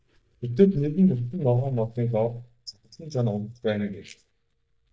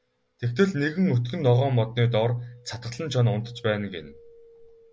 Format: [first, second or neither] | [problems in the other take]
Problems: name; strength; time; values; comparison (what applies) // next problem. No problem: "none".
second | noise reduction (neural mask model DeepFilterNet 3)